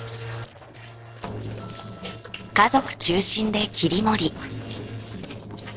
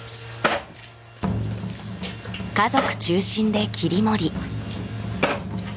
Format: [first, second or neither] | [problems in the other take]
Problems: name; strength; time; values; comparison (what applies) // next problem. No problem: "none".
second | noise reduction (neural separator model SepFormer DNS4)